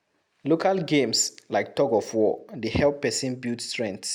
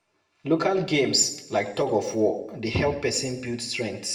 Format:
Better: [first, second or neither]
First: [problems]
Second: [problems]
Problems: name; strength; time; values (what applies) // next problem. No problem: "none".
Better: first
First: none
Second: room echo; dies away in 0.7 s